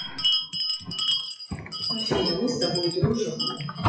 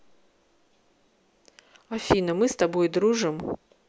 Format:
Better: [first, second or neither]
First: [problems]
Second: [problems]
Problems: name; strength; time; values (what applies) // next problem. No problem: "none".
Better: second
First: noise reduction (classical method WPE with log-MMSE)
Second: none